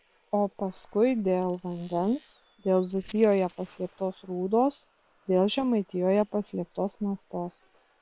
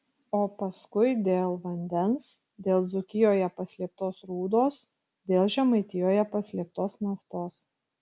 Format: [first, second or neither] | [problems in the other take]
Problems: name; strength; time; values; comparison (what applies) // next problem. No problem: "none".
second | noise reduction (neural separator model SepFormer WHAM!)